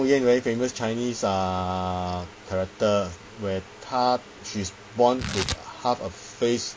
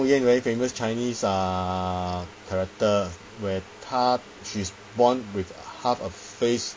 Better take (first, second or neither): second